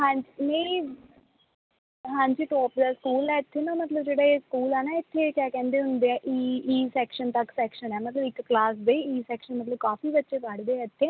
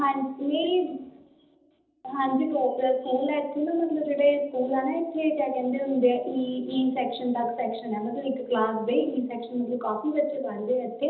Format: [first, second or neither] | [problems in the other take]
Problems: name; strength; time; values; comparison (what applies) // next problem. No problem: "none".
first | room echo; dies away in 1.2 s